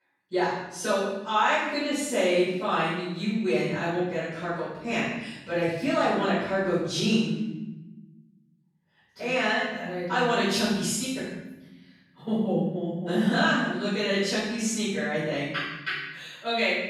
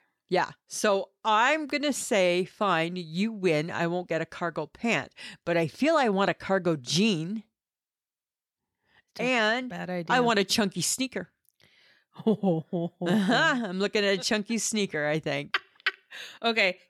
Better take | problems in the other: second | off-mic speech; far // room echo; strong; dies away in 1 s

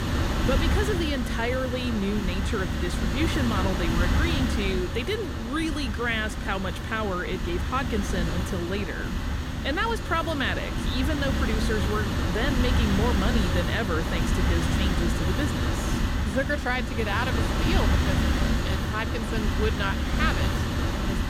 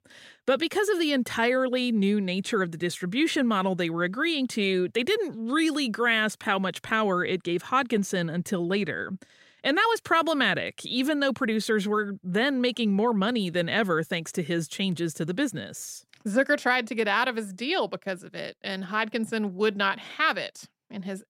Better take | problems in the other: second | wind noise on the microphone; heavy; 2 dB below the speech

